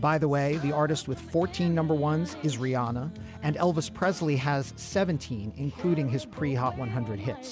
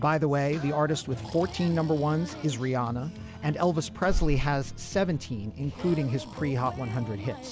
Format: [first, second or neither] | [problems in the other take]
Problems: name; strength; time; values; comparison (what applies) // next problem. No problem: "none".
first | background sound (Breathing); 9 dB below the speech